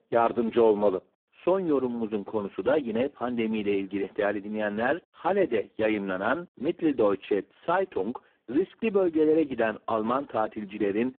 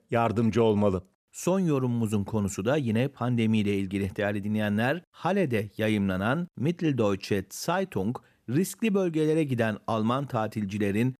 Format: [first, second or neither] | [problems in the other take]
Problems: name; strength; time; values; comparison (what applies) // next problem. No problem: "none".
second | phone-call audio; poor line